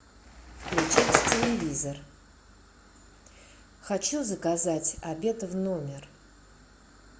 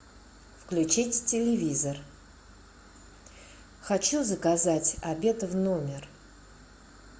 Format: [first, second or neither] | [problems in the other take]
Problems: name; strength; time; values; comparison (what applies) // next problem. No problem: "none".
second | background sound (Bird); 3 dB above the speech